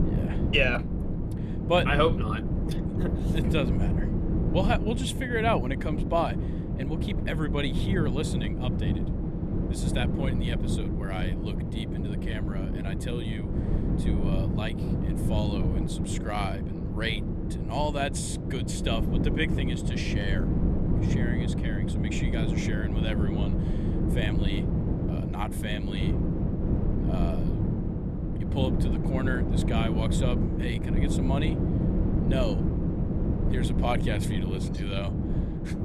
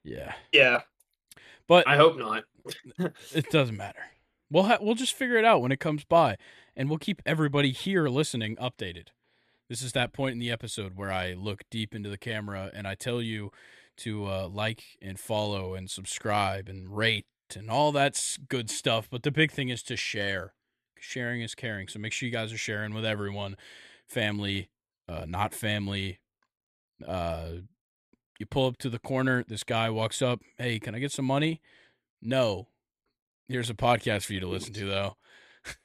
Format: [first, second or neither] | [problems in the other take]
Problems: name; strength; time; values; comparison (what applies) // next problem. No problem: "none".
second | low rumble; loud; throughout; 4 dB below the speech